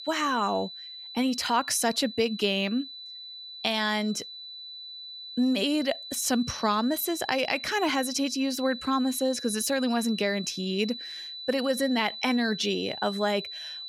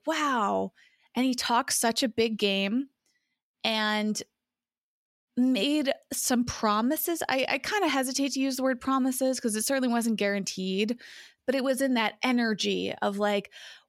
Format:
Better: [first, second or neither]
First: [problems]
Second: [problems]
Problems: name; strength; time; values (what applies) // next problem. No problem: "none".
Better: second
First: high-pitched whine; noticeable; throughout; 4 kHz, 10 dB below the speech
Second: none